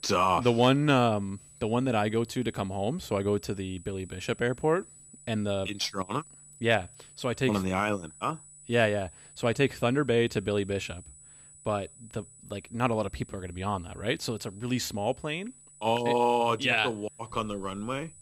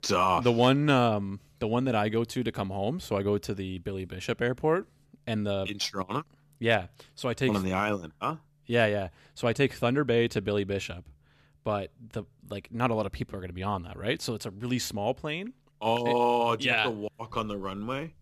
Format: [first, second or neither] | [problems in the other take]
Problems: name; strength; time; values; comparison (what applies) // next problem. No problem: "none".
second | high-pitched whine; faint; throughout; 8 kHz, 20 dB below the speech